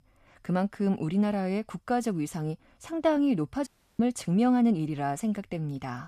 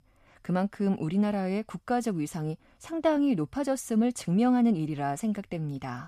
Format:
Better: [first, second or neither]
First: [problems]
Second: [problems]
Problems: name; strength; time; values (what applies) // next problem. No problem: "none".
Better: second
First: audio cutting out; at 3.5 s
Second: none